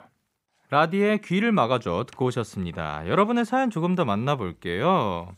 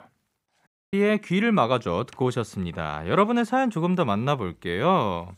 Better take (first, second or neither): first